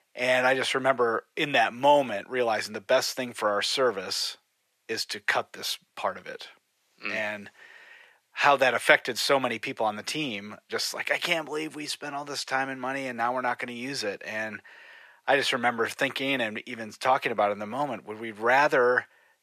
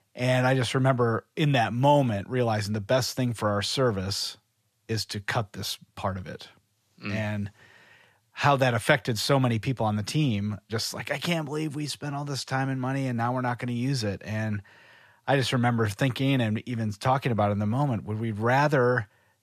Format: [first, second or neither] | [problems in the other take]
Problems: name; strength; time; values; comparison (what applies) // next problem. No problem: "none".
second | thin; somewhat; fading below 450 Hz